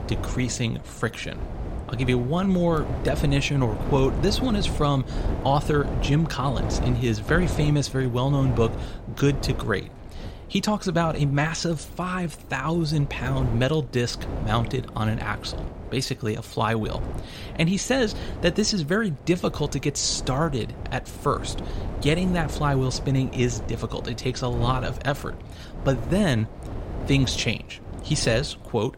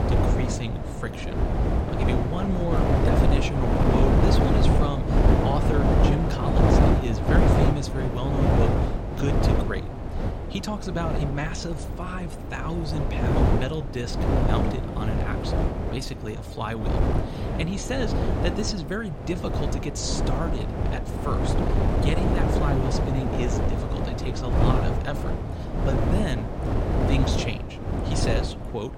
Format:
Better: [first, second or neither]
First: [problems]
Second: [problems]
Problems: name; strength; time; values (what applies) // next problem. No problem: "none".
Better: first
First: wind noise on the microphone; occasional gusts; 10 dB below the speech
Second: wind noise on the microphone; heavy; 4 dB above the speech